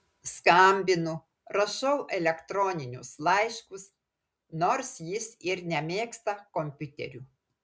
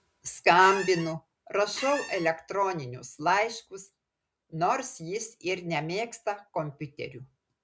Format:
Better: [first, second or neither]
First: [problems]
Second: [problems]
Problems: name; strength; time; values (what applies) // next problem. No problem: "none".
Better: first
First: none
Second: background sound (Squeak); 9 dB below the speech